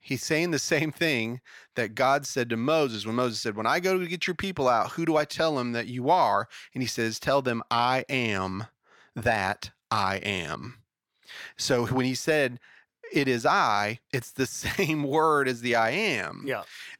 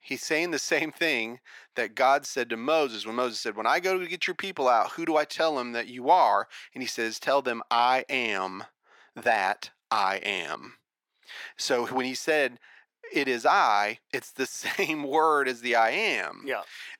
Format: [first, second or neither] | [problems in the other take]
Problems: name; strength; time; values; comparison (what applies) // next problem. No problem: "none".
first | thin; somewhat; fading below 350 Hz